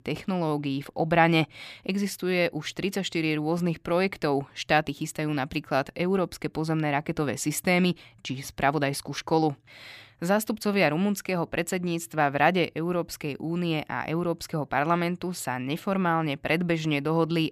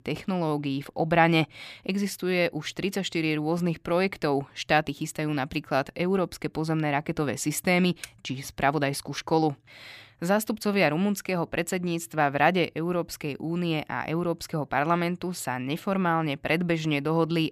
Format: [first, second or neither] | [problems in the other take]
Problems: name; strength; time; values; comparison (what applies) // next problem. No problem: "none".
first | keyboard typing; very faint; at 8 s; peak 15 dB below the speech